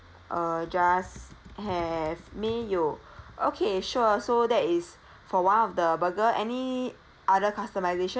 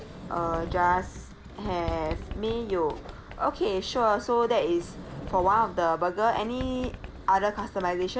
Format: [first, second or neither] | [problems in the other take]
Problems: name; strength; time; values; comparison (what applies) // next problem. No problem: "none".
first | background sound (Sliding door); 12 dB below the speech